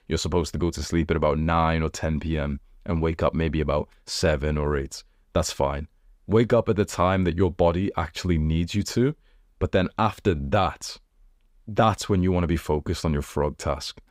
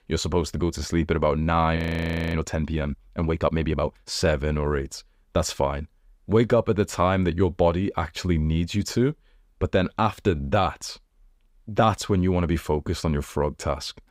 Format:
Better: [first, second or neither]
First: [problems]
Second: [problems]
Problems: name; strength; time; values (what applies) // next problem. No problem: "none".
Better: first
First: none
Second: audio freezing; at 2 s for 0.5 s